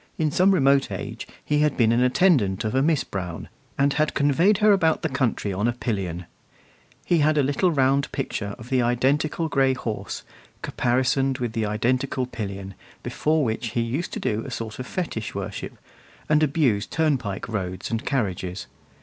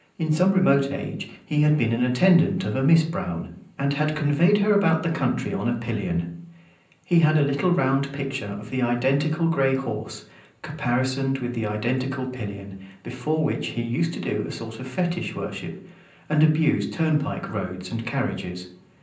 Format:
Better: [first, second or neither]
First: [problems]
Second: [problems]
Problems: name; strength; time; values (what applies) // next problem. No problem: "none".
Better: first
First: none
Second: room echo; dies away in 0.6 s